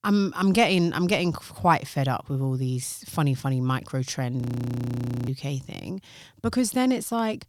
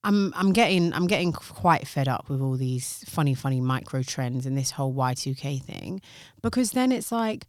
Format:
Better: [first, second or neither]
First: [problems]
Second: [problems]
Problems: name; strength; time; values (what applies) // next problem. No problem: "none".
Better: second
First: audio freezing; at 4.5 s for 1 s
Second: none